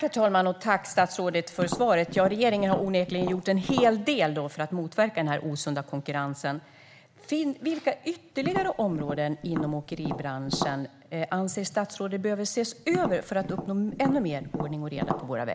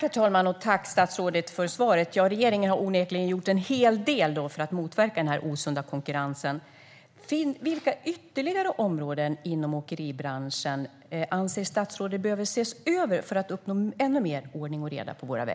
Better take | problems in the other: second | background sound (Tap); 7 dB below the speech

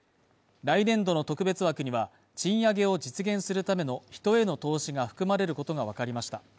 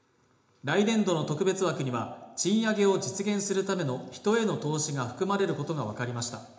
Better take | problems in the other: first | room echo; dies away in 0.8 s

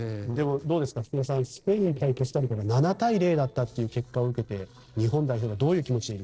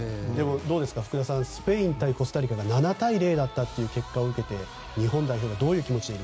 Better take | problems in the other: second | noise reduction (neural separator model SepFormer DNS4)

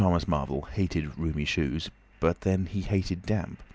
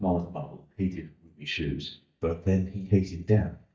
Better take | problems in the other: first | noise reduction (neural mask model DeepFilterNet 3)

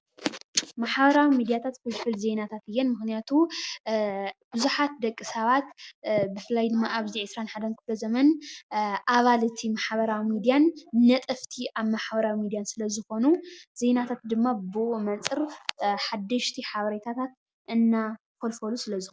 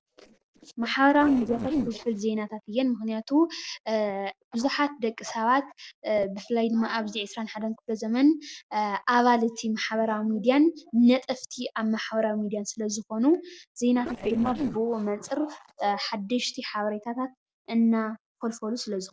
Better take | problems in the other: first | noise reduction (neural separator model SepFormer DNS4)

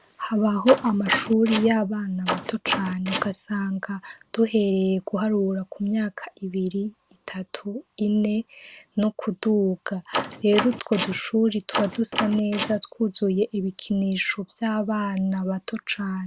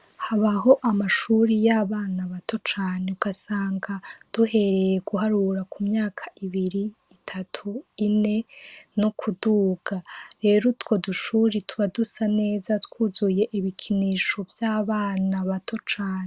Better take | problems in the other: second | background sound (Door); 6 dB below the speech

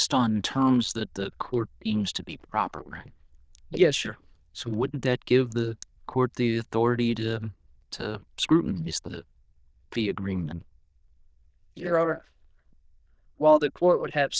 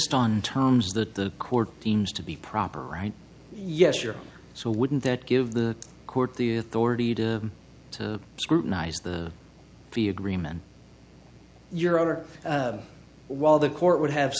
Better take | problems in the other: second | noise reduction (neural diffusion model UNIVERSE++)

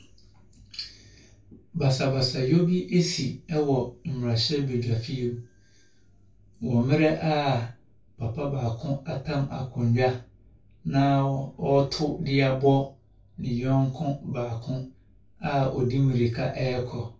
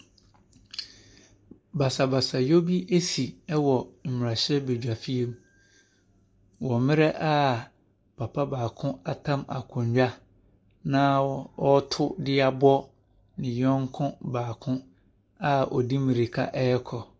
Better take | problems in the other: second | room echo; dies away in 0.2 s

